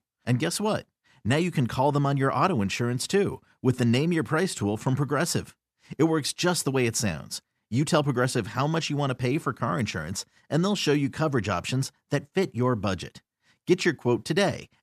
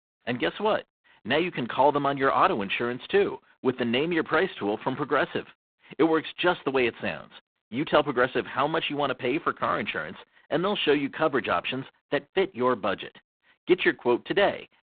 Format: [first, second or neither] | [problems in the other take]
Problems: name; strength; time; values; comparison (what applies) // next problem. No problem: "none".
first | phone-call audio; poor line; nothing above 3.5 kHz